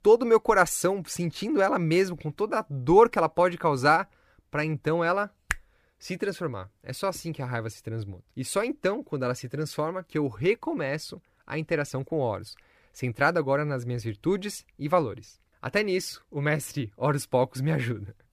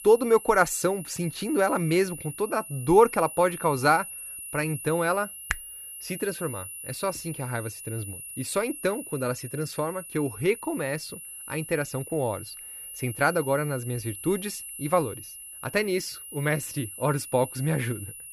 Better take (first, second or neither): first